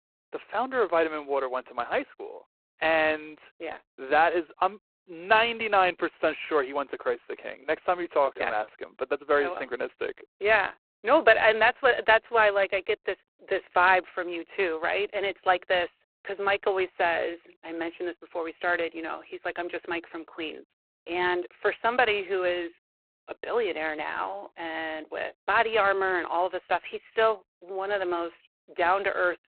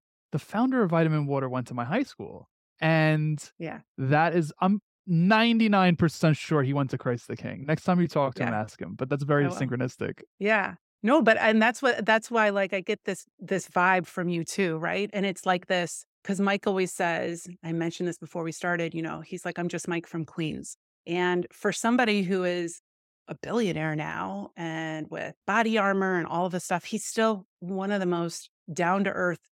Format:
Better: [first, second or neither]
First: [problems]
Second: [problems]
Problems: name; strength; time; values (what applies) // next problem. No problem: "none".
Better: second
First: phone-call audio; poor line; nothing above 4 kHz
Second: none